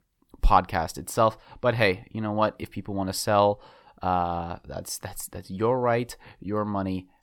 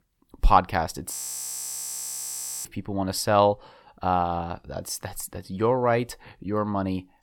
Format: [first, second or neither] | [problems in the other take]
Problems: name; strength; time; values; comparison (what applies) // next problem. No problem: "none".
first | audio freezing; at 1 s for 1.5 s